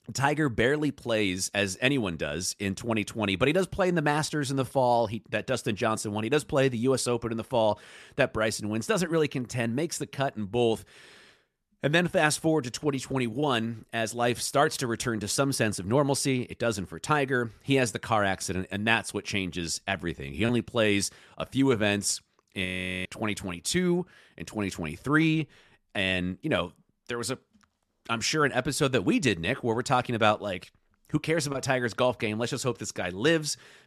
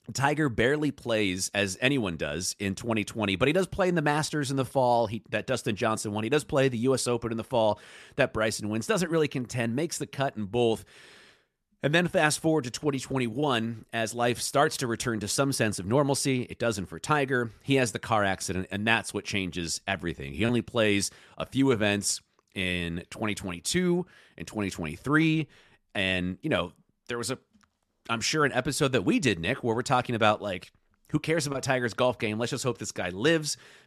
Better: second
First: audio freezing; at 23 s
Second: none

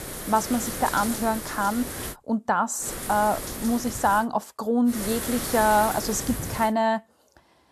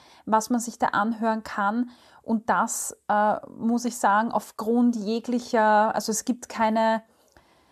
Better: second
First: wind noise on the microphone; occasional gusts; until 2 s, from 3 to 4 s and from 5 to 6.5 s; 10 dB below the speech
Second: none

